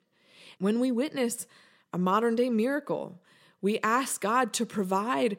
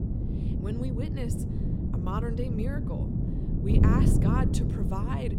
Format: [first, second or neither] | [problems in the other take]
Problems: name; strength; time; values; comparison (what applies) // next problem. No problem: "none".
first | wind noise on the microphone; heavy; as loud as the speech